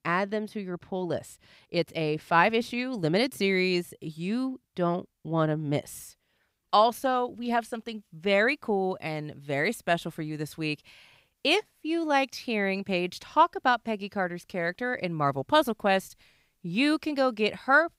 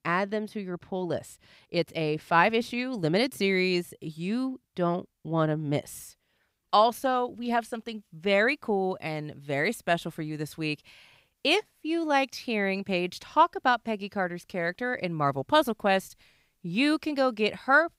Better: neither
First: none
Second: none

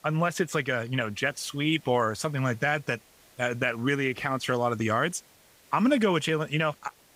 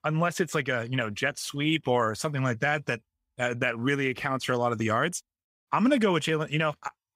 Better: second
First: hiss; faint; throughout; 30 dB below the speech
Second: none

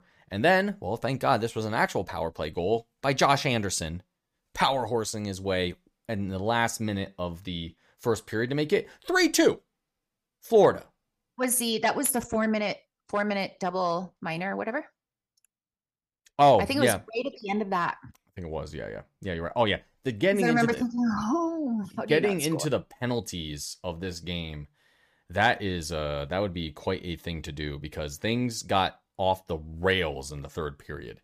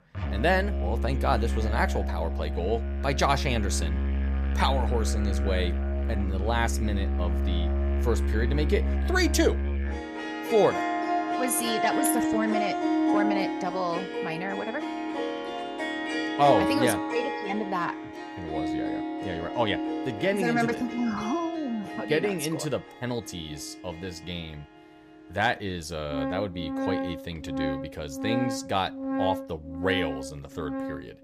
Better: first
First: none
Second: background music; loud; throughout; as loud as the speech

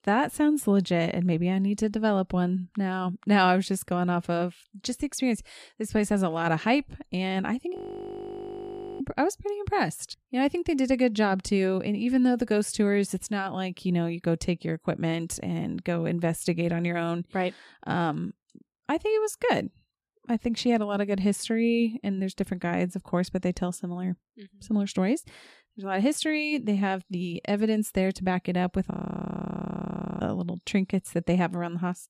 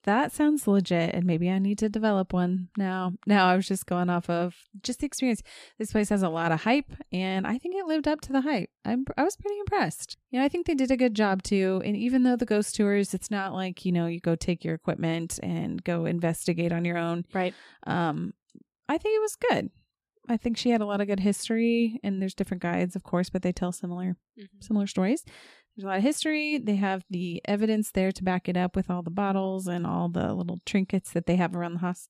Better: second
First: audio freezing; at 8 s for 1.5 s and at 29 s for 1.5 s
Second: none

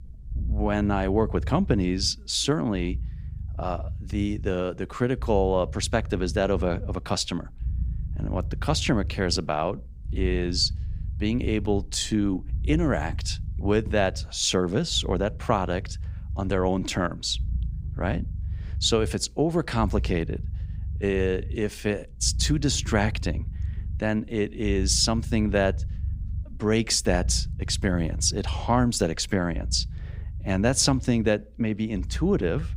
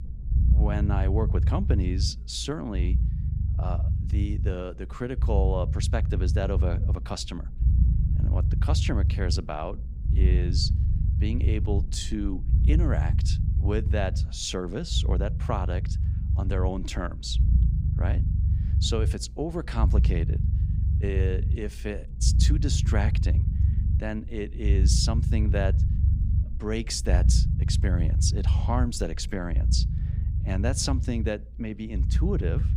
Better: first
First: low rumble; faint; throughout; 25 dB below the speech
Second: low rumble; loud; throughout; 8 dB below the speech

